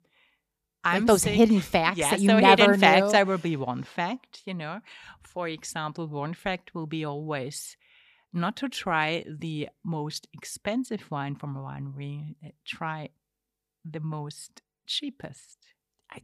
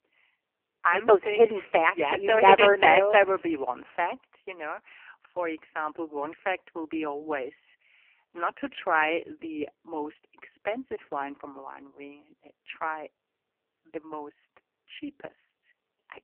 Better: first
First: none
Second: phone-call audio; poor line; nothing above 3 kHz

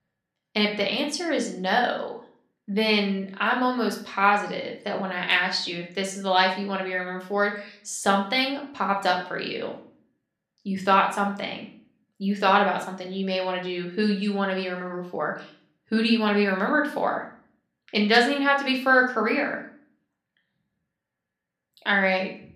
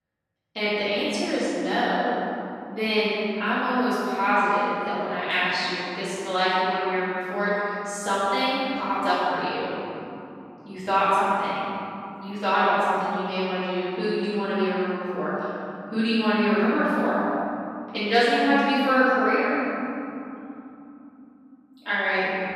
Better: first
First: room echo; slight; dies away in 0.4 s // off-mic speech; somewhat distant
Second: room echo; strong; dies away in 3 s // off-mic speech; far

